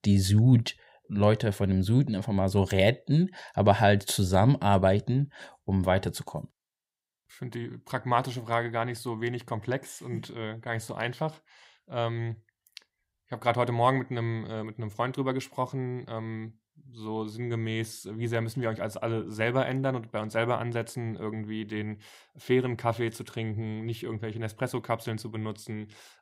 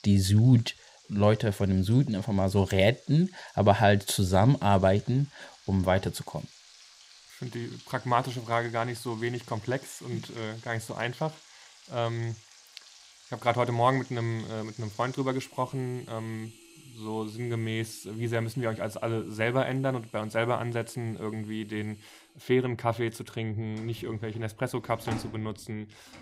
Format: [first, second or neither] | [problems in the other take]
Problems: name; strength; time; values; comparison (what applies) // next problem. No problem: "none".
first | household noises; faint; throughout; 20 dB below the speech